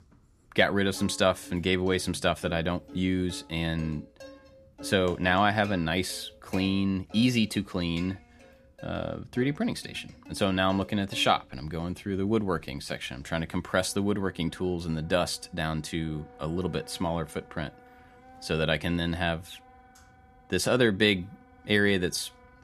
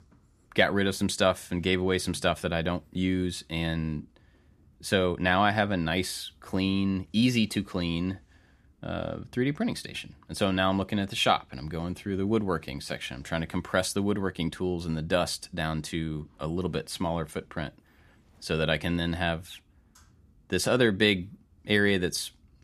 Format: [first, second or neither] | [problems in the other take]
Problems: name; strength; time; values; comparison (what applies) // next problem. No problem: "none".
second | background music; faint; throughout; 20 dB below the speech